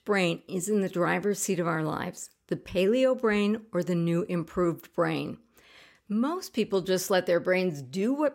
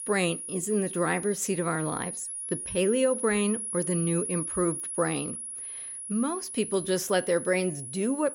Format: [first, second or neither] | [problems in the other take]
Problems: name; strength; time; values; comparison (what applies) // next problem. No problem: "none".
first | high-pitched whine; loud; throughout; 10.5 kHz, 5 dB below the speech